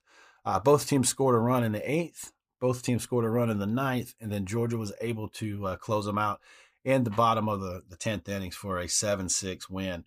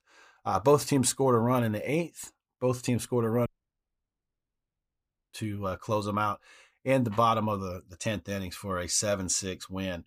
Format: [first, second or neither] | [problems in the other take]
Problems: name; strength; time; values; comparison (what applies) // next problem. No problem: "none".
first | audio cutting out; at 3.5 s for 2 s